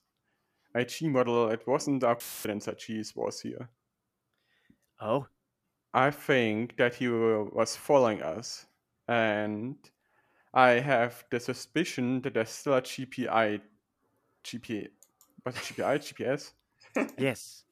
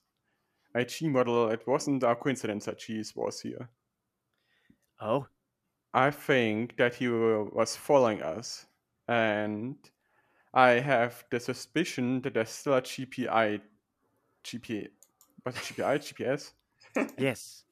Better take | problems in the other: second | audio cutting out; filled with static; at 2 s

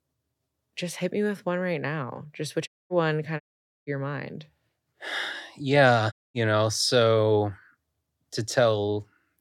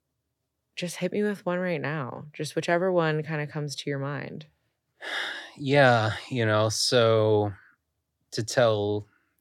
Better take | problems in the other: second | audio cutting out; at 2.5 s, at 3.5 s and at 6 s

